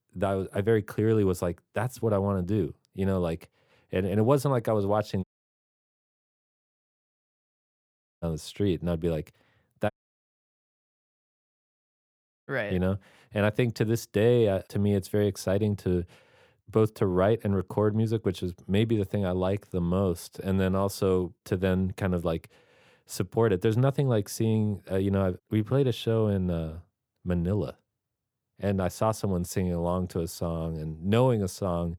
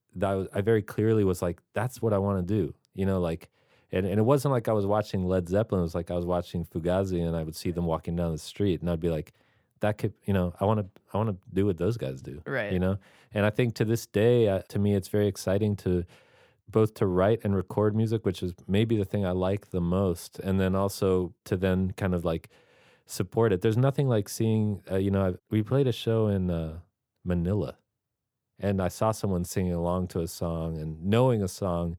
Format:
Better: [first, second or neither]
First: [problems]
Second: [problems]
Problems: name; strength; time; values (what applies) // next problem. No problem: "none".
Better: second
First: audio cutting out; at 5 s for 3 s and at 10 s for 2.5 s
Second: none